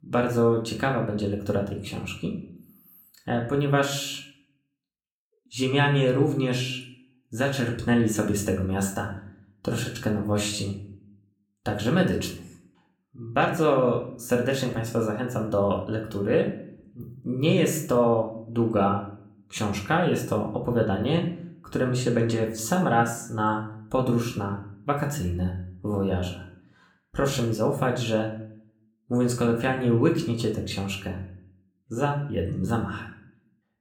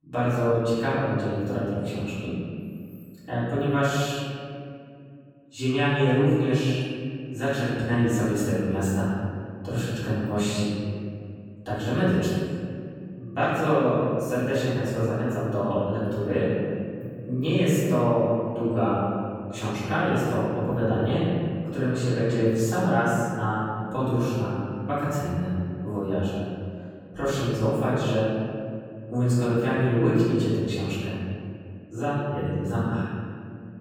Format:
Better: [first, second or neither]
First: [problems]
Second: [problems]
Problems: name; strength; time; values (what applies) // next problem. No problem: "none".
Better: first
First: room echo; slight; dies away in 0.5 s // off-mic speech; somewhat distant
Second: room echo; strong; dies away in 2.3 s // off-mic speech; far